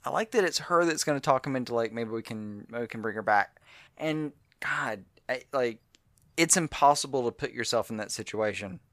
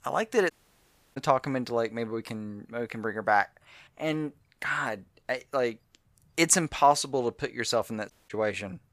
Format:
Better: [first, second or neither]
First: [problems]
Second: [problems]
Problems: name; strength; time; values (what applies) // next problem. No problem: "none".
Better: first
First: none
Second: audio cutting out; at 0.5 s for 0.5 s and at 8 s